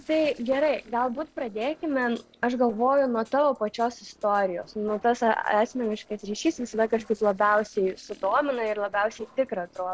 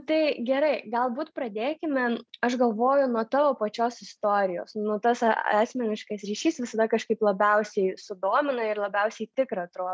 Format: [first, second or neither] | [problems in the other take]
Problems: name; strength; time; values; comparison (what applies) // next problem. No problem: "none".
second | noise reduction (neural separator model SepFormer DNS4)